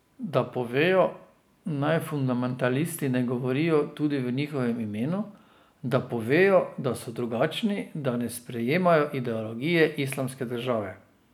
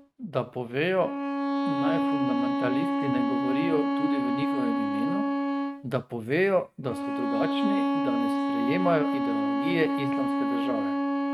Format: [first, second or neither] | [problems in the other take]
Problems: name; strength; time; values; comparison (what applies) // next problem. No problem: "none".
first | noise reduction (neural mask model RNNoise)